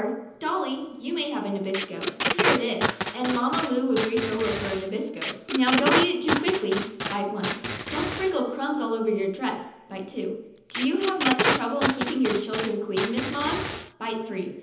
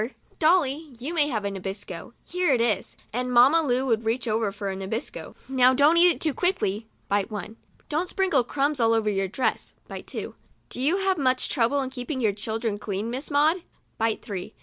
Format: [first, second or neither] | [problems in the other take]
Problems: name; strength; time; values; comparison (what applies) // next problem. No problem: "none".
second | background sound (Packing tape, duct tape); 2 dB below the speech // room echo; dies away in 0.9 s